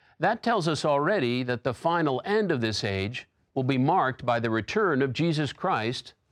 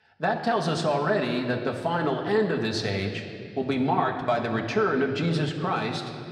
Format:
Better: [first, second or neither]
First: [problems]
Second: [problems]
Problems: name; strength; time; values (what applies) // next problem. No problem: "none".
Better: first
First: none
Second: room echo; slight; dies away in 1.9 s // off-mic speech; somewhat distant